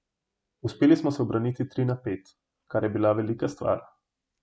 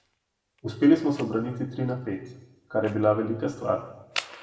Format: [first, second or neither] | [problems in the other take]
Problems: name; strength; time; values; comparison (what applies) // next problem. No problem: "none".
first | background sound (Fire); 17 dB below the speech // room echo; dies away in 0.9 s